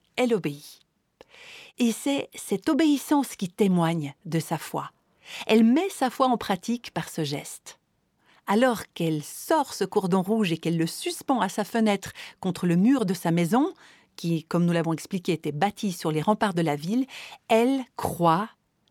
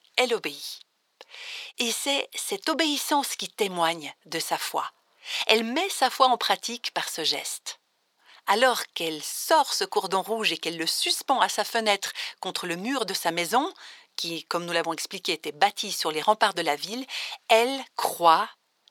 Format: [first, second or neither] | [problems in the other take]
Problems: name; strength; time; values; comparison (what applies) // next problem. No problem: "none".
first | thin; very; fading below 600 Hz